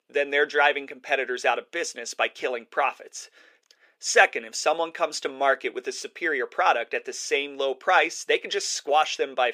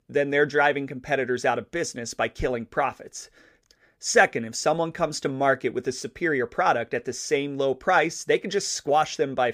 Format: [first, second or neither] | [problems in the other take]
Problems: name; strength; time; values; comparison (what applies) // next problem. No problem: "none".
second | thin; somewhat; fading below 400 Hz